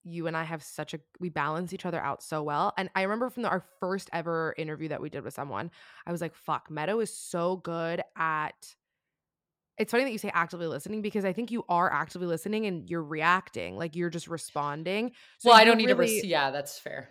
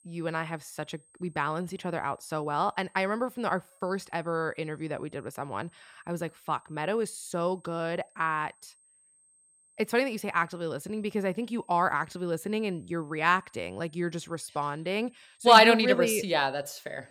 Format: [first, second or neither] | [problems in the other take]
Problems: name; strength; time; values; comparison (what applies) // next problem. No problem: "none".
first | high-pitched whine; faint; throughout; 8.5 kHz, 30 dB below the speech